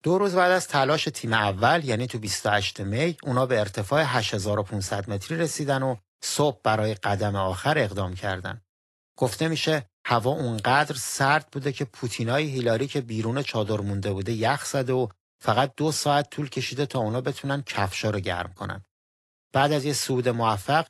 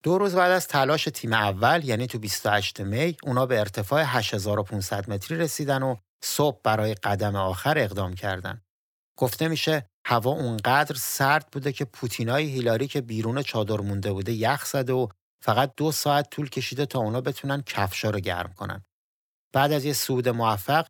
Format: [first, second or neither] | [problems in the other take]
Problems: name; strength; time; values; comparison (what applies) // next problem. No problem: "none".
second | garbled, watery; slightly; nothing above 12 kHz